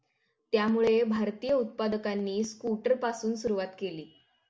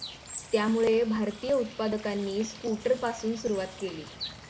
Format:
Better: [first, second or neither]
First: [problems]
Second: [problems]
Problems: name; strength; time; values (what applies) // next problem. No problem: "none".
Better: first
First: none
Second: background sound (Water / Bird); 15 dB below the speech